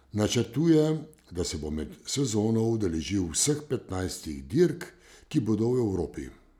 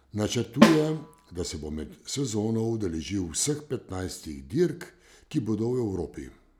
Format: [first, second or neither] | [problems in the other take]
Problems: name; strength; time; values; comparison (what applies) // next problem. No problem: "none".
first | background sound (Snare drum); 3 dB above the speech